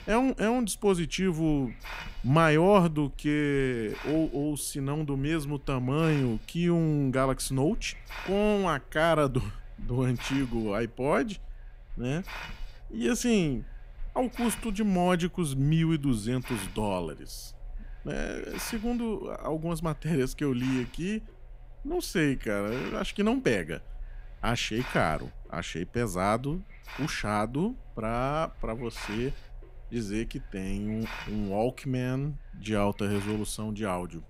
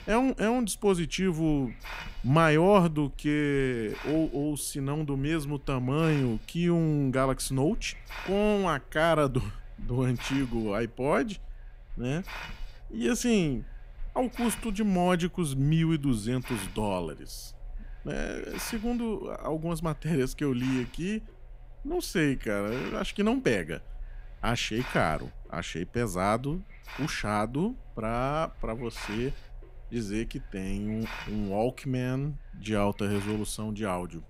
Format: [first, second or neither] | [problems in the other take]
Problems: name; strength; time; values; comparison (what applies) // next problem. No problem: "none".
neither | hiss; noticeable; throughout; 15 dB below the speech; the same in both